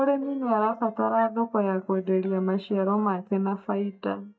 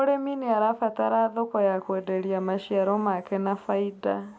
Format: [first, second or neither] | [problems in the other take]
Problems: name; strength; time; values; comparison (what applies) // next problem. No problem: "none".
second | noise reduction (neural mask model DeepFilterNet 3)